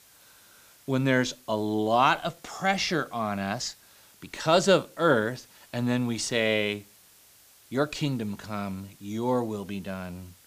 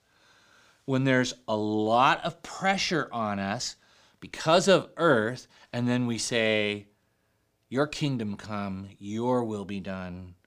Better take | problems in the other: second | hiss; faint; throughout; 25 dB below the speech

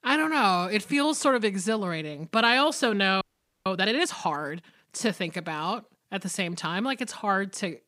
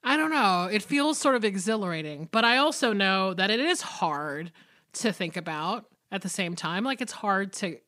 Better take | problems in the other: second | audio freezing; at 3 s

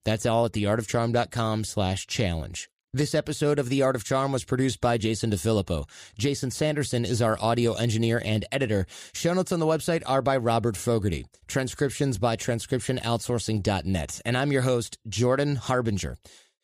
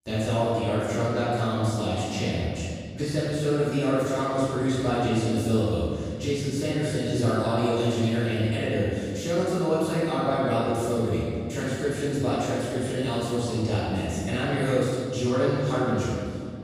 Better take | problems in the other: first | off-mic speech; far // room echo; strong; dies away in 2 s

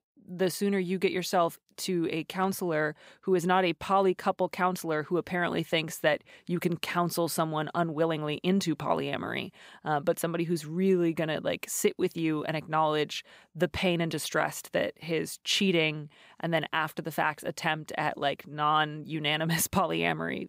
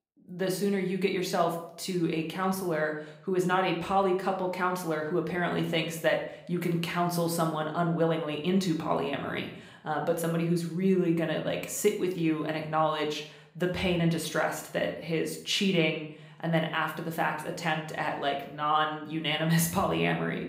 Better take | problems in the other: first | room echo; slight; dies away in 0.5 s // off-mic speech; somewhat distant

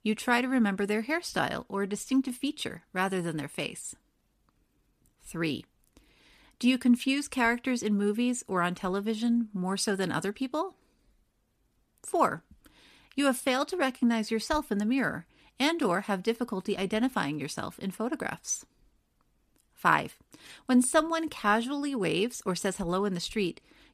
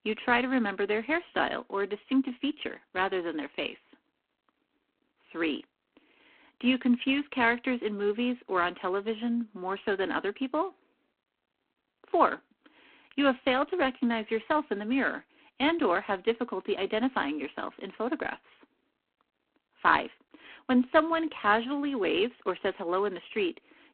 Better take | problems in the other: first | phone-call audio; poor line

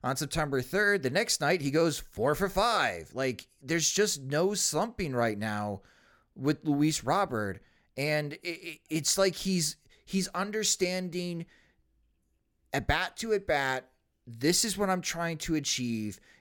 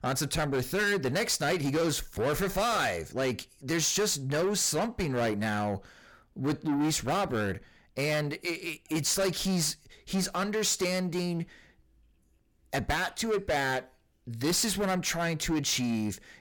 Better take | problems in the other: first | distortion; heavy; 7 dB below the speech

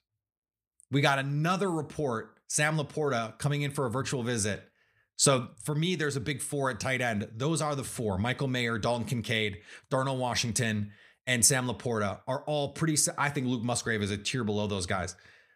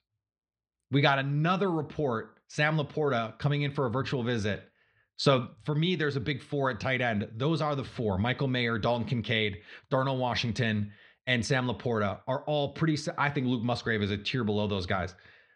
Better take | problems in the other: first | muffled; slightly; fading above 4 kHz

